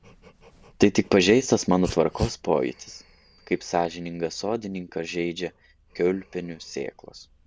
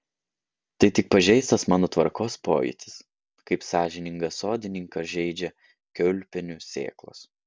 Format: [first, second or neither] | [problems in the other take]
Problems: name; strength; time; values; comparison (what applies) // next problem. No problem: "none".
second | background sound (Dog); 17 dB below the speech